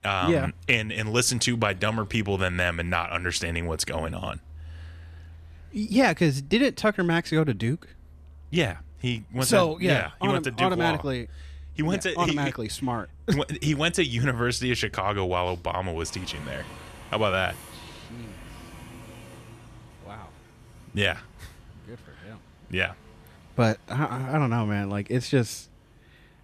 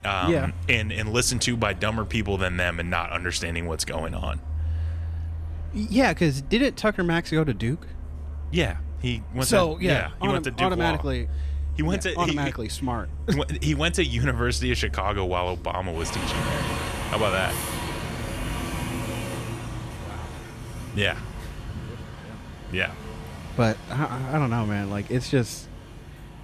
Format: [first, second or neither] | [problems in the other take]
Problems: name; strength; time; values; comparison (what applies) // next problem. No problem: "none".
first | traffic noise; loud; throughout; 9 dB below the speech; faint in the first